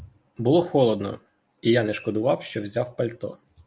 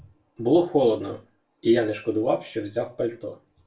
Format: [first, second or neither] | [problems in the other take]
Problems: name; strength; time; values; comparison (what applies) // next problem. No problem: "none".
first | room echo; dies away in 0.2 s